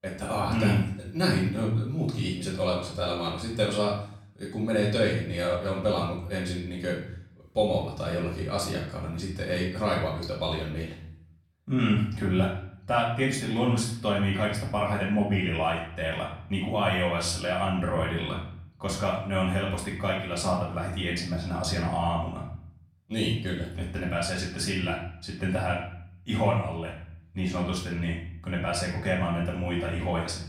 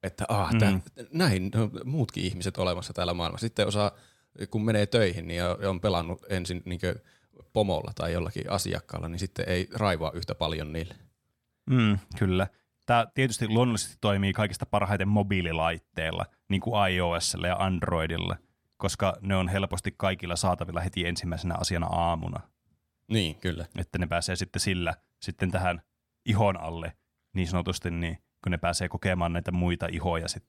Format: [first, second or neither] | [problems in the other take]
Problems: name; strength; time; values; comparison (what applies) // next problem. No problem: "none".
second | off-mic speech; far // room echo; noticeable; dies away in 0.6 s